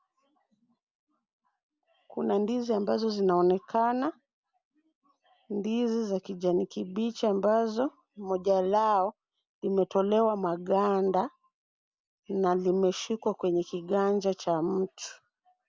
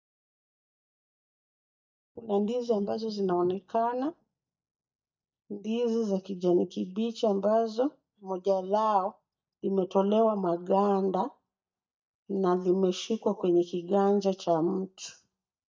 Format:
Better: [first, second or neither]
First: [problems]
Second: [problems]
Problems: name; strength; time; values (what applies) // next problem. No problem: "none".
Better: first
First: none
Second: noise reduction (neural mask model DeepFilterNet 3)